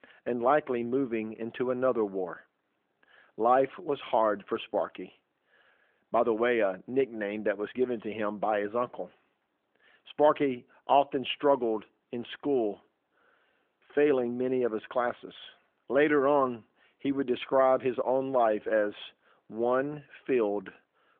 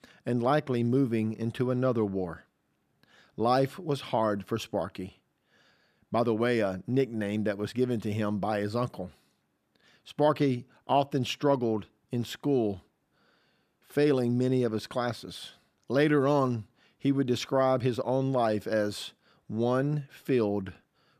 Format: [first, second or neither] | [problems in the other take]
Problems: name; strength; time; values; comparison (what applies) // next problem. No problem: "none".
second | phone-call audio; nothing above 3.5 kHz